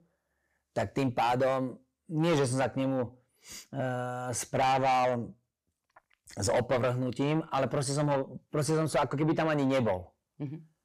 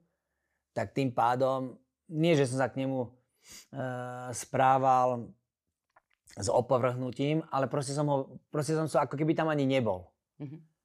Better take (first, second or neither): second